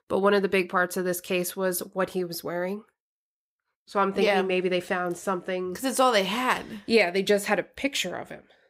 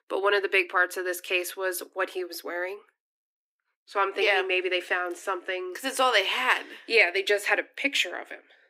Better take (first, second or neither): first